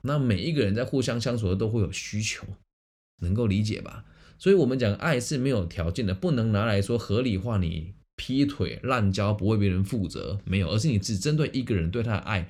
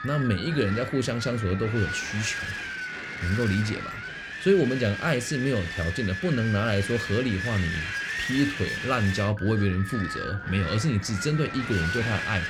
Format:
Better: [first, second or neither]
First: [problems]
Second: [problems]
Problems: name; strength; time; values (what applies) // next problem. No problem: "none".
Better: first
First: none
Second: wind noise on the microphone; heavy; as loud as the speech